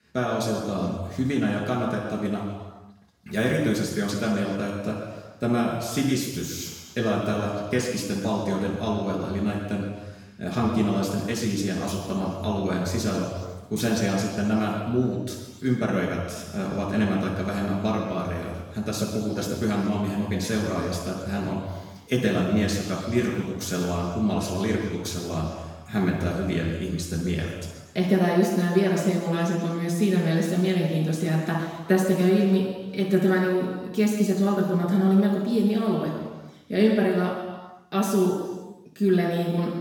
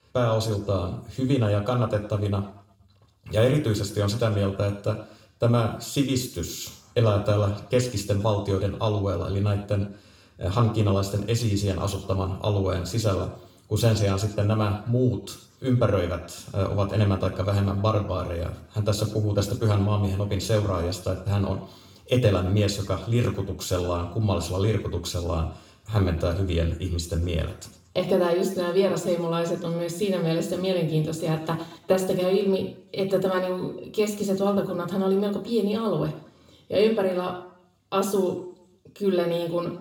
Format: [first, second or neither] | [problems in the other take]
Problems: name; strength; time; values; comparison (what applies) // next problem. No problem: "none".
second | room echo; strong; dies away in 1.3 s; slight in the second // off-mic speech; far; somewhat distant in the second